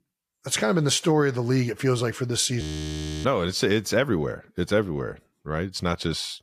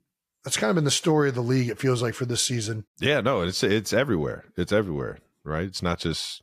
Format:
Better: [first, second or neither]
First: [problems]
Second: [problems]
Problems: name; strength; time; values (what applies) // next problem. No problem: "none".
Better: second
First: audio freezing; at 2.5 s for 0.5 s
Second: none